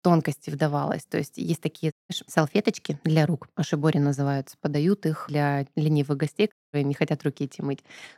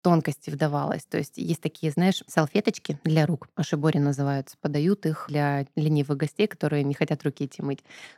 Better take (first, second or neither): second